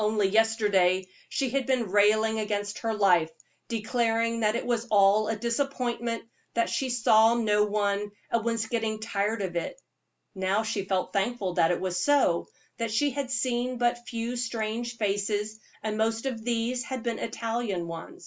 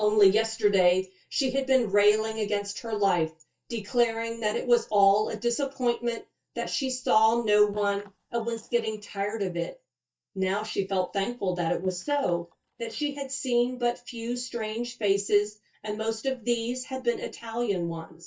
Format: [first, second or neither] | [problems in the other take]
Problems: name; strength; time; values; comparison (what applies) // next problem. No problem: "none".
first | noise reduction (neural mask model DeepFilterNet 3)